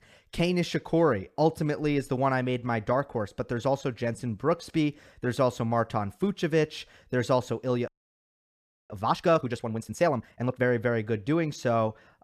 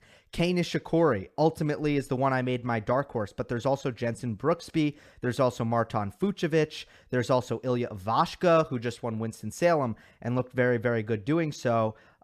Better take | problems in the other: second | audio freezing; at 8 s for 1 s

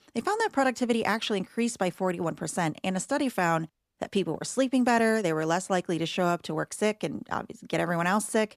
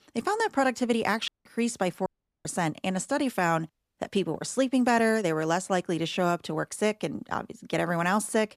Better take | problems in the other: first | audio cutting out; at 1.5 s and at 2 s

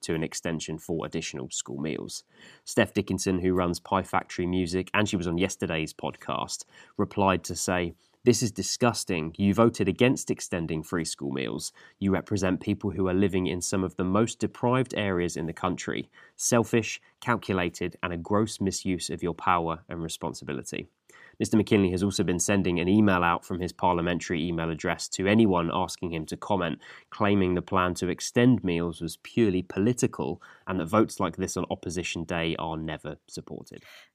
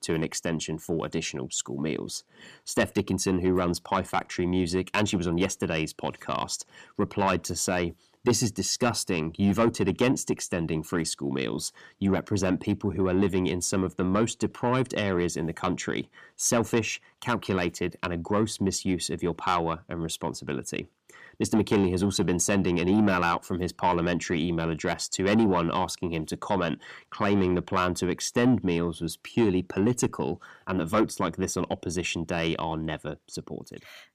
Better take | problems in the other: first | distortion; slight; 10 dB below the speech

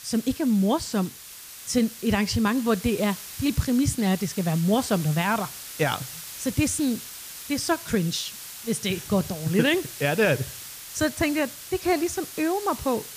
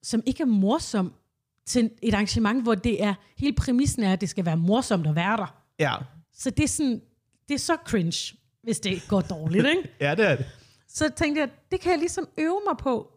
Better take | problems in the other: second | hiss; noticeable; throughout; 10 dB below the speech

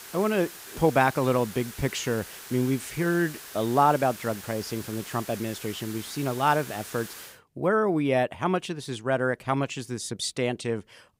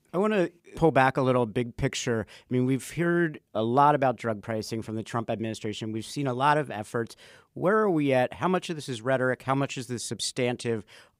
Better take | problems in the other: second | hiss; noticeable; until 7.5 s; 15 dB below the speech

